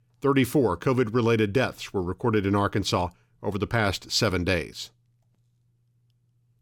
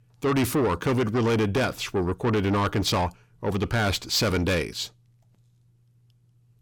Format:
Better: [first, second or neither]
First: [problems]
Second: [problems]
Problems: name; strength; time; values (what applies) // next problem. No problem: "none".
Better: first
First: none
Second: distortion; heavy; 8 dB below the speech